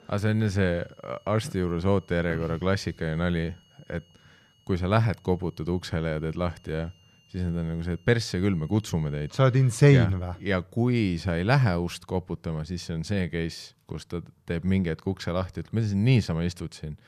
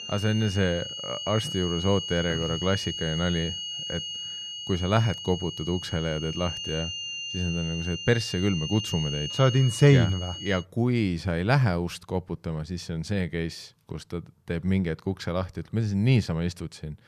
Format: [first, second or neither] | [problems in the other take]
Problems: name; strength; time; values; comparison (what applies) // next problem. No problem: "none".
first | high-pitched whine; loud; until 11 s; 3 kHz, 6 dB below the speech; faint in the first